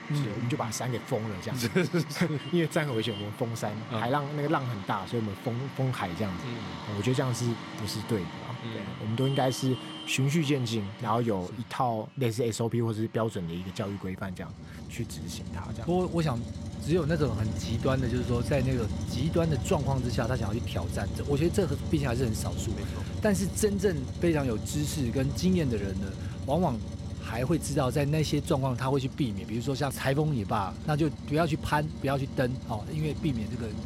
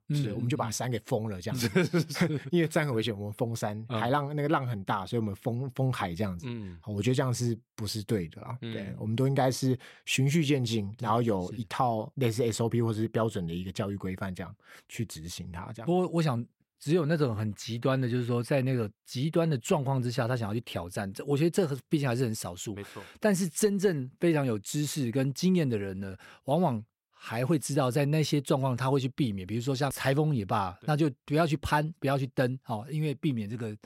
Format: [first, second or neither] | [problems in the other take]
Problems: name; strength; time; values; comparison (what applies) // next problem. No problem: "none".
second | traffic noise; loud; throughout; 8 dB below the speech